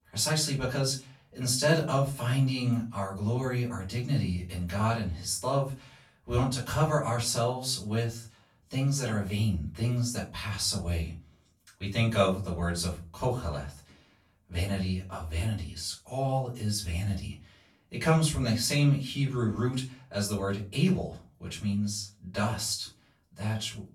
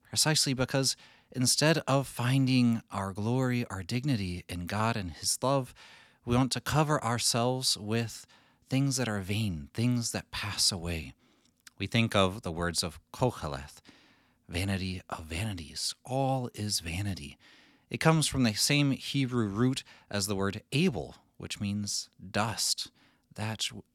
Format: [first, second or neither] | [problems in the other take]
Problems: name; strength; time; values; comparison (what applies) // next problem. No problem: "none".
second | room echo; slight; dies away in 0.3 s // off-mic speech; far